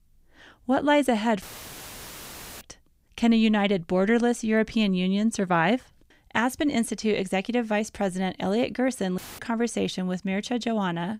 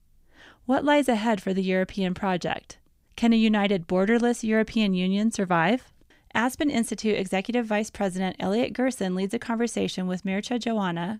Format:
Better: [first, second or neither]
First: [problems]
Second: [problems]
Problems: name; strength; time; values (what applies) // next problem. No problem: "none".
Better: second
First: audio cutting out; filled with static; at 1.5 s for 1 s and at 9 s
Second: none